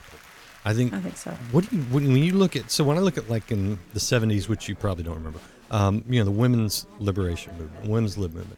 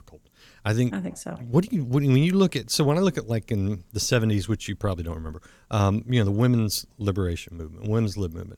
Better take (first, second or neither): second